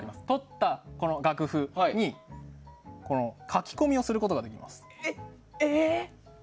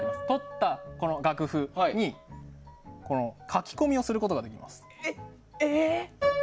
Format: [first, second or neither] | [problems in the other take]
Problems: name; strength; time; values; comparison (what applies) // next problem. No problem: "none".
first | background sound (Piano); 8 dB below the speech